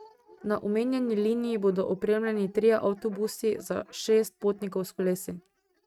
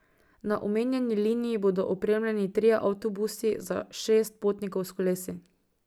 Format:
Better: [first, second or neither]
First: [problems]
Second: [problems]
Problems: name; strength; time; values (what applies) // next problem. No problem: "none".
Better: second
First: noise reduction (neural mask model RNNoise)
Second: none